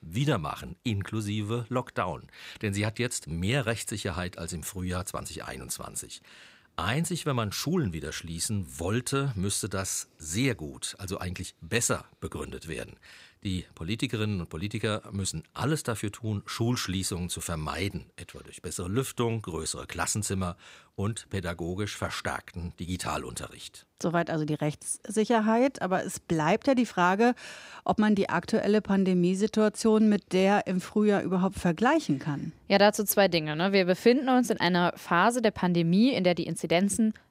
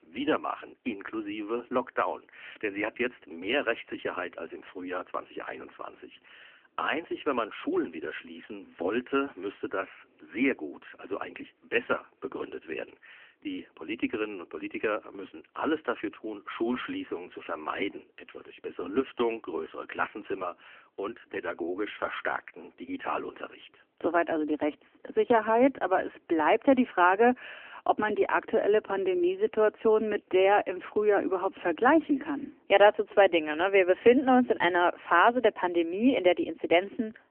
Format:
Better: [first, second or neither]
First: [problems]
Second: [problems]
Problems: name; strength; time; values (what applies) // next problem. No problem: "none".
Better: first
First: none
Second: phone-call audio; nothing above 3 kHz